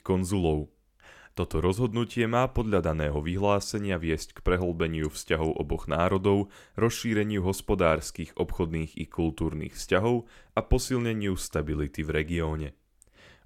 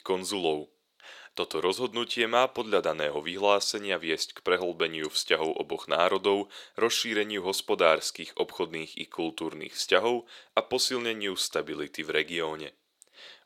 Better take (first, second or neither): first